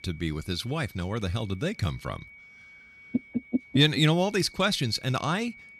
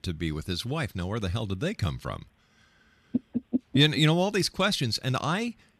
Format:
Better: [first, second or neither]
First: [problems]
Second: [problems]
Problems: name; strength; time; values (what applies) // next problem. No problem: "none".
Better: second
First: high-pitched whine; faint; throughout; 2 kHz, 20 dB below the speech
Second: none